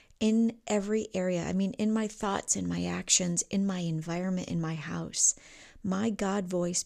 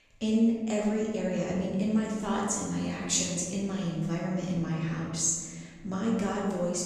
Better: first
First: none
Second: room echo; noticeable; dies away in 1.6 s // off-mic speech; far

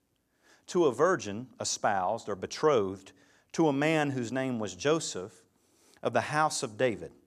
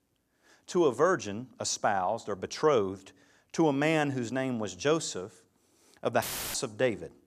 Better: first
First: none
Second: audio cutting out; filled with static; at 6 s

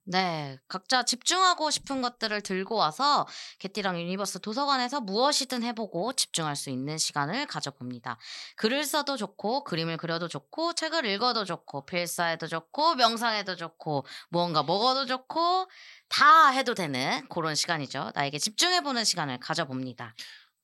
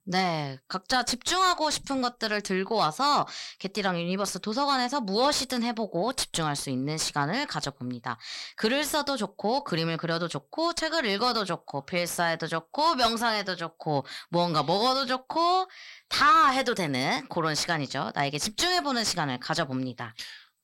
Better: first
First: none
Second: distortion; slight; 10 dB below the speech

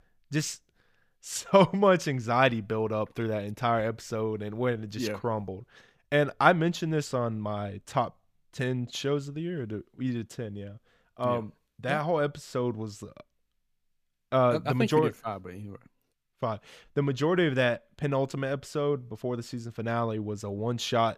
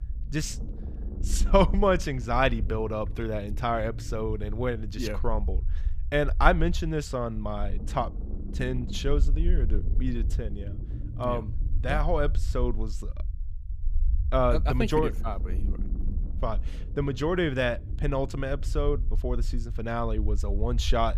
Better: first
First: none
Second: low rumble; faint; throughout; 20 dB below the speech

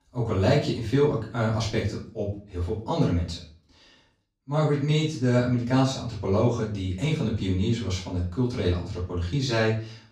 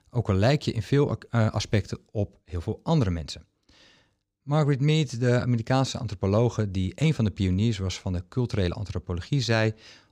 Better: second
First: room echo; slight; dies away in 0.4 s // off-mic speech; far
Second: none

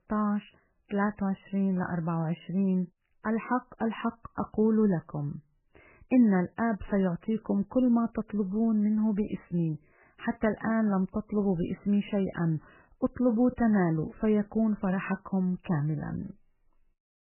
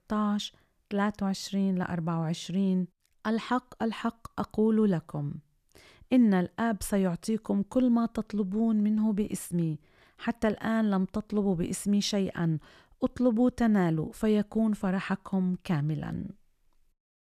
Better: second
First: garbled, watery; badly; nothing above 3 kHz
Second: none

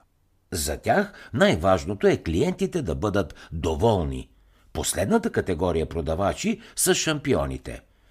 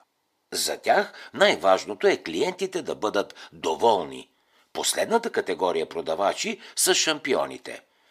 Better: first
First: none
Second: thin; somewhat; fading below 400 Hz

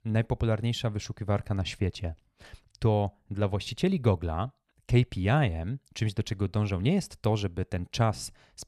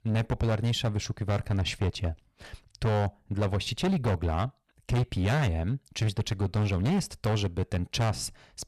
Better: first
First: none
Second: distortion; heavy; 15% of the sound clipped

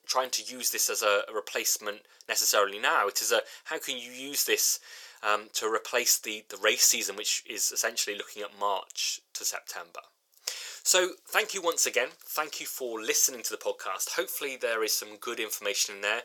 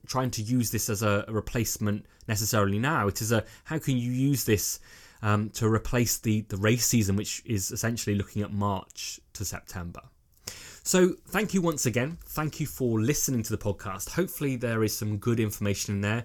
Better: second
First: thin; very; fading below 500 Hz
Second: none

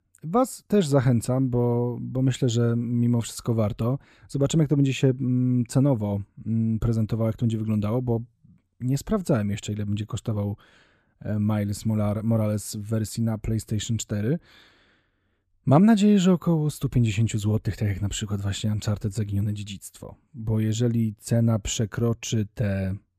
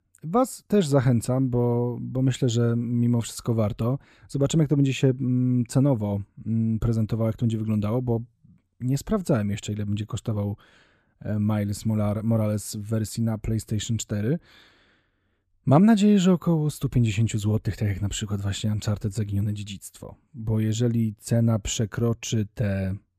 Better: neither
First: none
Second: none

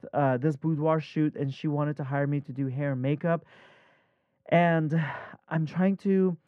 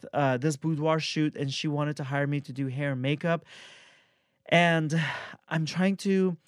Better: second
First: muffled; very; fading above 2.5 kHz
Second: none

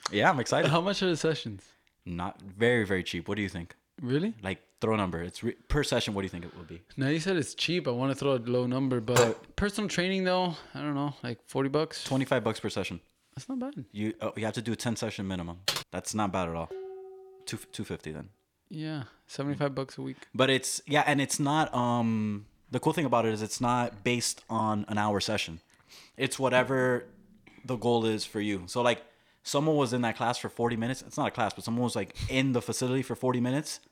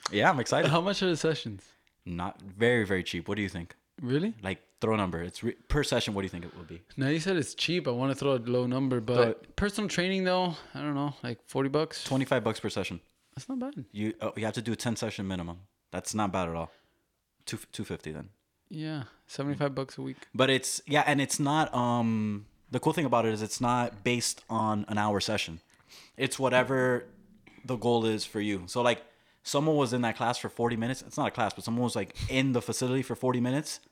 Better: second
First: clattering dishes; noticeable; at 9 s; peak 1 dB below the speech // keyboard typing; noticeable; at 16 s; peak 2 dB below the speech // clattering dishes; faint; at 17 s; peak 10 dB below the speech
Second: none

